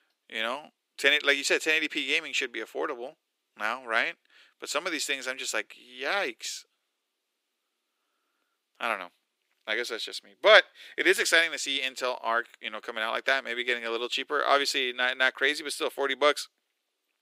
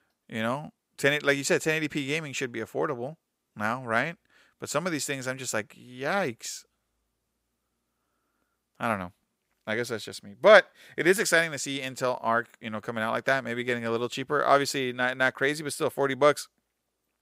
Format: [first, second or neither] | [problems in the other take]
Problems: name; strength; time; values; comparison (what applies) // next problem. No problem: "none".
second | thin; somewhat; fading below 300 Hz